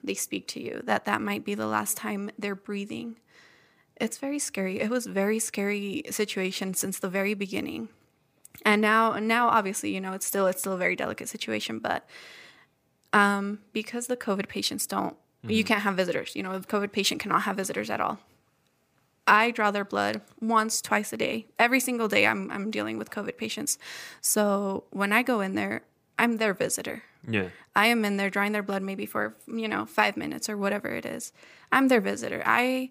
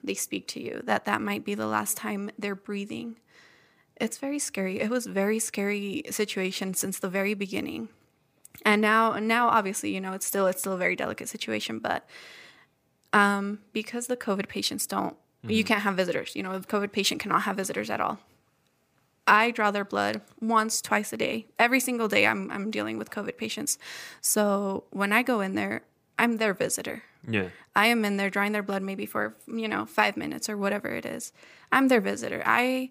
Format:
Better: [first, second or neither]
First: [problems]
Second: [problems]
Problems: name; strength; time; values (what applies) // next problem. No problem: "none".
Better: neither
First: none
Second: none